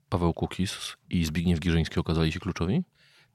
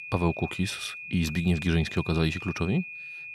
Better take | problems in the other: first | high-pitched whine; loud; throughout; 2.5 kHz, 9 dB below the speech

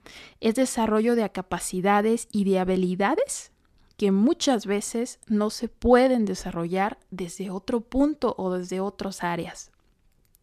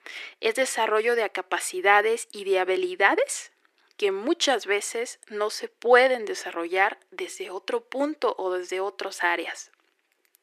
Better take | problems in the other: first | thin; very; fading below 350 Hz

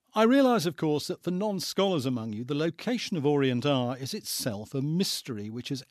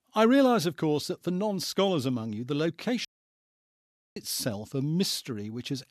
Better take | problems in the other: first | audio cutting out; at 3 s for 1 s

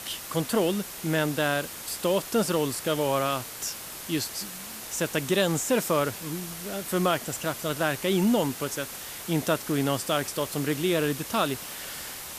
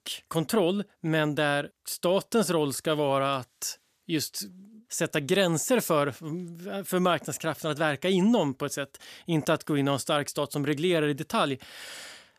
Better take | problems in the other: second | hiss; loud; throughout; 9 dB below the speech

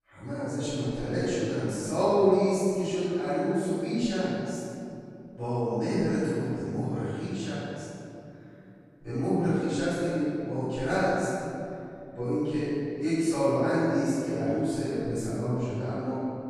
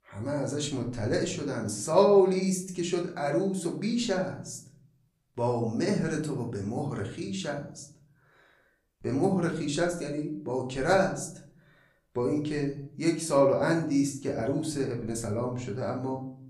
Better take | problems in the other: second | room echo; strong; dies away in 2.8 s; slight in the second // off-mic speech; far; somewhat distant in the second

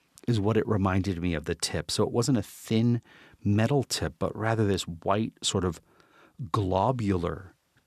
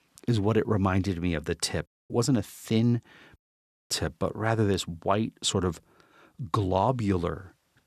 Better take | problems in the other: first | audio cutting out; at 2 s and at 3.5 s for 0.5 s

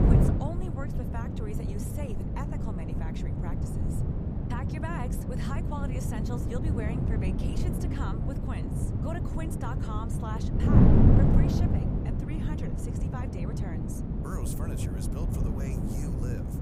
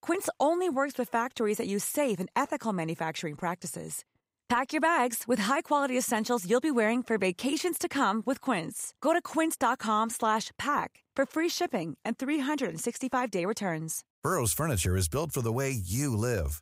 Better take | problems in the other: second | wind noise on the microphone; heavy; 4 dB above the speech

